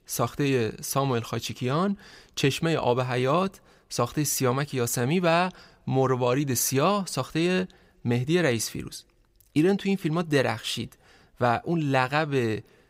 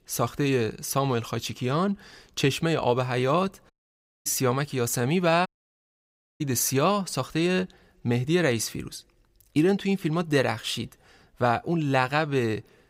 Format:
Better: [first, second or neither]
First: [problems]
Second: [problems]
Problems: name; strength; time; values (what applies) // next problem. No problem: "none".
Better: first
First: none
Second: audio cutting out; at 3.5 s for 0.5 s and at 5.5 s for 1 s